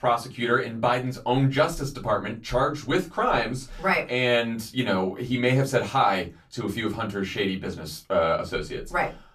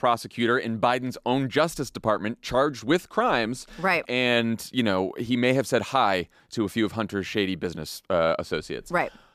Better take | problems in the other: second | off-mic speech; far // room echo; very slight; dies away in 0.2 s

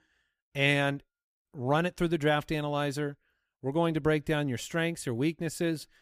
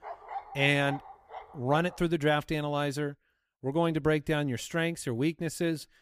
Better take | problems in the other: first | dog barking; faint; until 2 s; peak 10 dB below the speech

